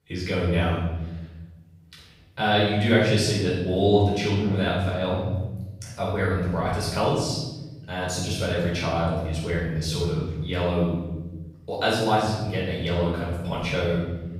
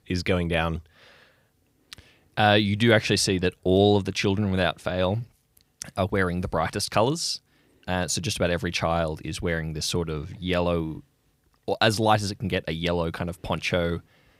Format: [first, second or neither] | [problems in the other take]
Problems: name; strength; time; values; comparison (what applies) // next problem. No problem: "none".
second | off-mic speech; far // room echo; strong; dies away in 1.4 s